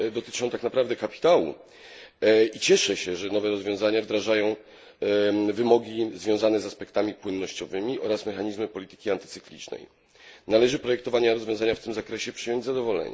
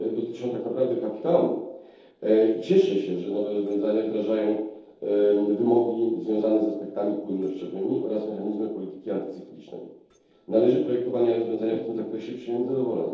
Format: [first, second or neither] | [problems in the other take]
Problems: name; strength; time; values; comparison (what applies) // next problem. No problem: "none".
first | noise reduction (neural separator model SepFormer DNS4)